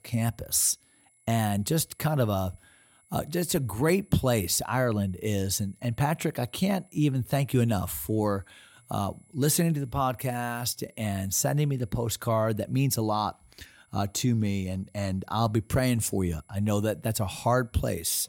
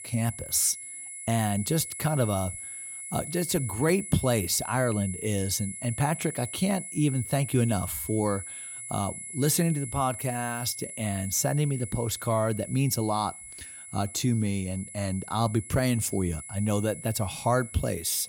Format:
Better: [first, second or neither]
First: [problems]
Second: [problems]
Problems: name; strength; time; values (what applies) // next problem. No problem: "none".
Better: first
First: high-pitched whine; faint; throughout; 10.5 kHz, 35 dB below the speech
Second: high-pitched whine; loud; throughout; 10.5 kHz, 9 dB below the speech